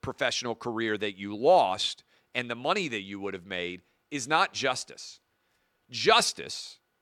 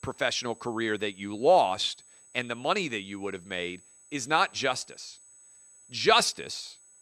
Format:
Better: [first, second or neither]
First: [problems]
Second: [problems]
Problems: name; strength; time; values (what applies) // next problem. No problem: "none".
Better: first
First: none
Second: high-pitched whine; faint; throughout; 8 kHz, 25 dB below the speech